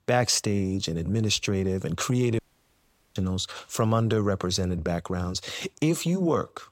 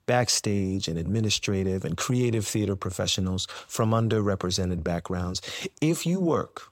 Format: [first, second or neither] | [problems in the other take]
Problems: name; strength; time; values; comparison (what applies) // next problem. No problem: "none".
second | audio cutting out; at 2.5 s for 1 s